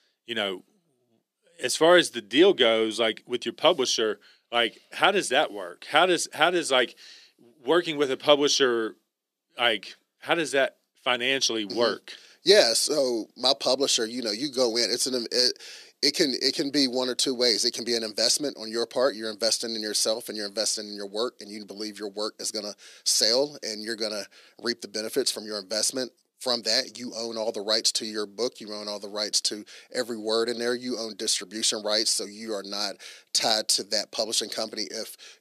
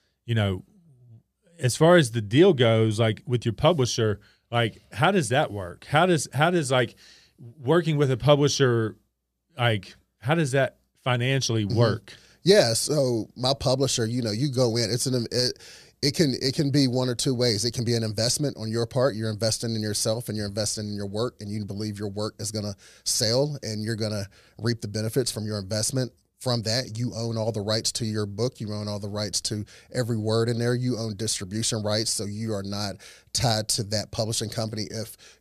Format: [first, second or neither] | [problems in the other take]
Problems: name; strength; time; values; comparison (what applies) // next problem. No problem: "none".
second | thin; somewhat; fading below 250 Hz